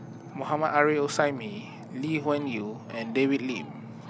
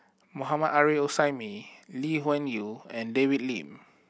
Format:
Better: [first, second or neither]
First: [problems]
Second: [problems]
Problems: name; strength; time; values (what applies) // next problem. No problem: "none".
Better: second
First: background sound (Ocean); 13 dB below the speech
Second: none